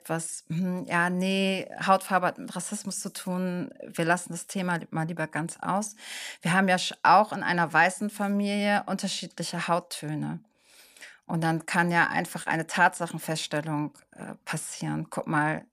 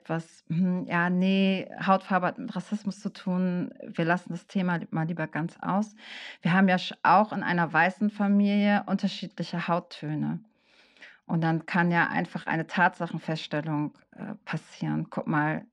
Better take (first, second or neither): first